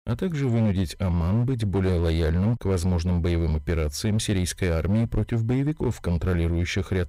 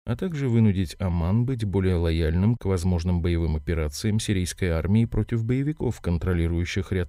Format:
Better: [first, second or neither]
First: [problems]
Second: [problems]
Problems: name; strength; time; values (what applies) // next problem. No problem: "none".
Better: second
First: distortion; slight; 13% of the sound clipped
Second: none